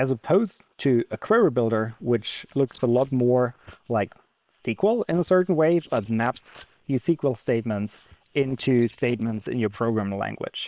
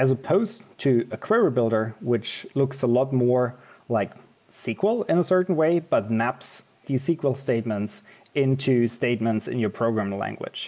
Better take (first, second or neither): second